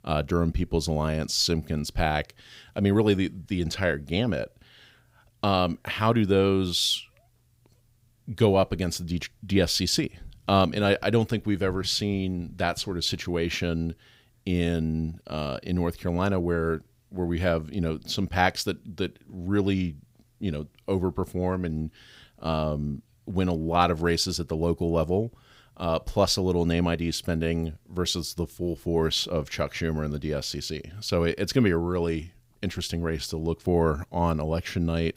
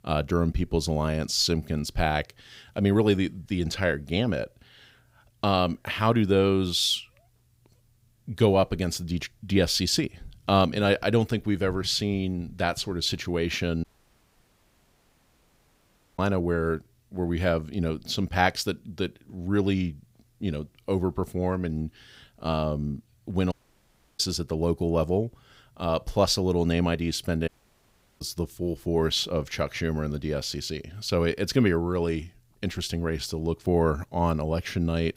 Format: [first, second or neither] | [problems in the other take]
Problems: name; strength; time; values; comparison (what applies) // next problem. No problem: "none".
first | audio cutting out; at 14 s for 2.5 s, at 24 s for 0.5 s and at 27 s for 0.5 s